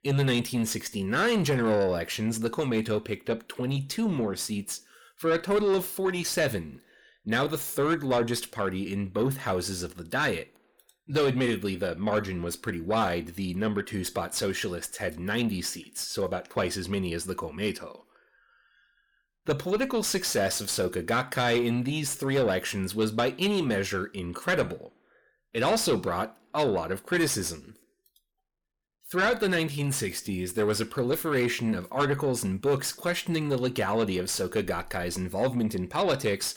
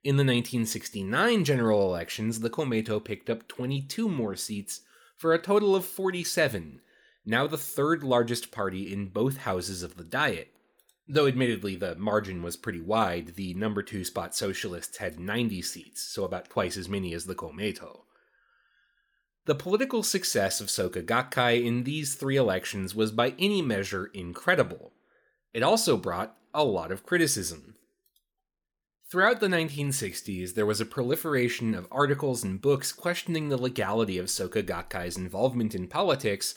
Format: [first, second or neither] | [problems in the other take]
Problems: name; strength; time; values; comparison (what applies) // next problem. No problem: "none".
second | distortion; slight; 10 dB below the speech